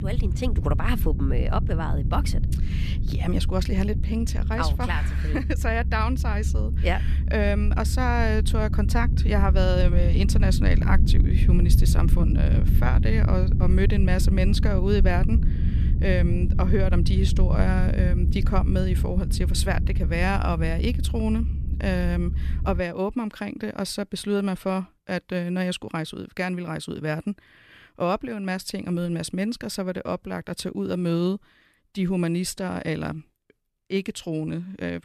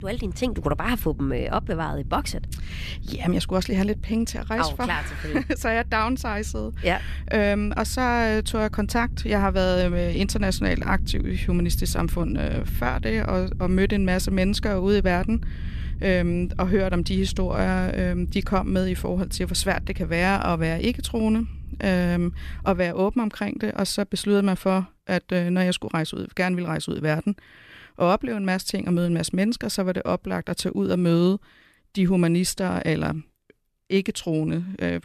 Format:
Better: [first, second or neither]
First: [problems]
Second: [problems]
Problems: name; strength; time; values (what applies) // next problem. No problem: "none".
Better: second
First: low rumble; loud; until 23 s; 9 dB below the speech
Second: low rumble; faint; until 23 s; 20 dB below the speech